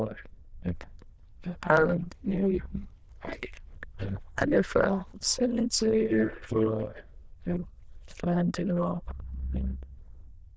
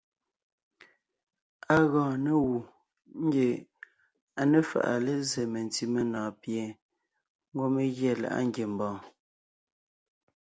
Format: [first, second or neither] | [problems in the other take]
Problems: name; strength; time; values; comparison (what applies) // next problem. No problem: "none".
second | noise reduction (neural diffusion model UNIVERSE++)